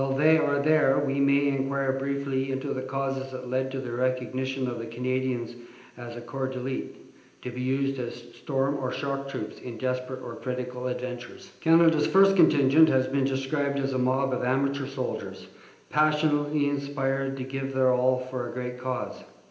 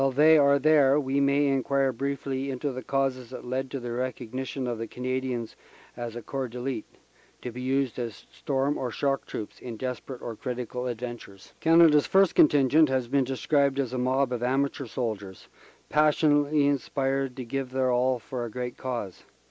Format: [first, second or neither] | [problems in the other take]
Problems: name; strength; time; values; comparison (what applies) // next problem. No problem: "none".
second | room echo; dies away in 0.8 s